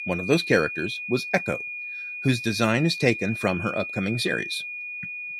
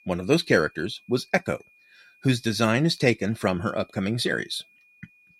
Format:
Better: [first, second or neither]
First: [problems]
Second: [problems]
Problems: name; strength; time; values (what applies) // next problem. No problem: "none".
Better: second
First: high-pitched whine; loud; throughout; 2.5 kHz, 6 dB below the speech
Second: high-pitched whine; faint; throughout; 2.5 kHz, 30 dB below the speech